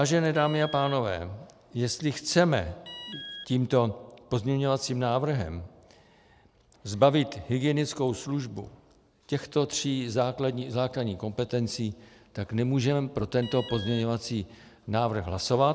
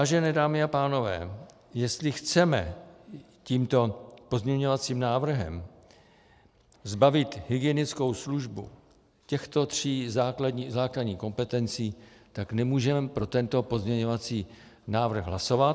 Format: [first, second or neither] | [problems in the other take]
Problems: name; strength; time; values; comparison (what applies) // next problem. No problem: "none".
second | background sound (Alarm); 15 dB below the speech